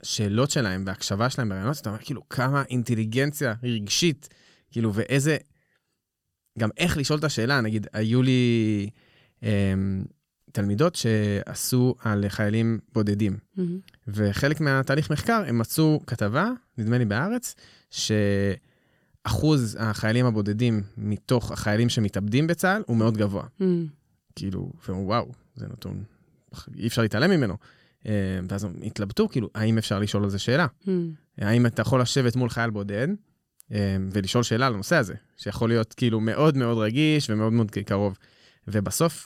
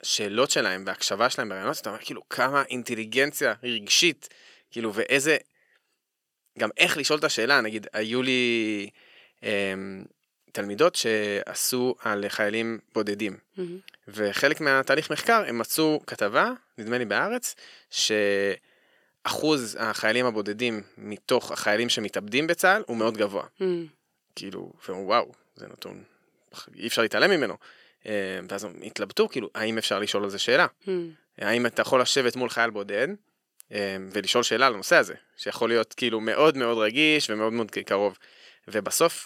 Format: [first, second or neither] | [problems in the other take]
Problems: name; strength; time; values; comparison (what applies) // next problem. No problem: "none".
first | thin; somewhat; fading below 450 Hz